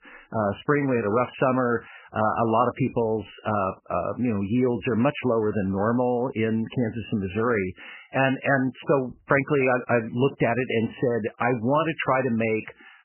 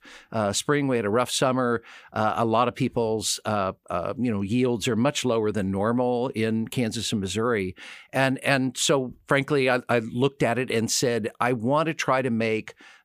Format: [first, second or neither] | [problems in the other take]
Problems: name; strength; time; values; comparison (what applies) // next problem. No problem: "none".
second | garbled, watery; badly; nothing above 3 kHz